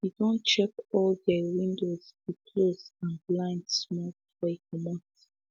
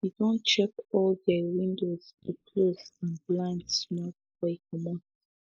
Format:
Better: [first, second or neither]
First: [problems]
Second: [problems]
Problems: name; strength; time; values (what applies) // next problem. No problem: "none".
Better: first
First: none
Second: noise reduction (neural mask model Resemble Enhance denoiser)